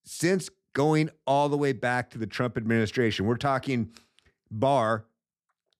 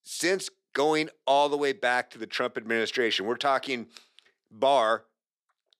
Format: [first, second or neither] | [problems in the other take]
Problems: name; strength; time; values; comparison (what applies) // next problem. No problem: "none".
first | thin; somewhat; fading below 450 Hz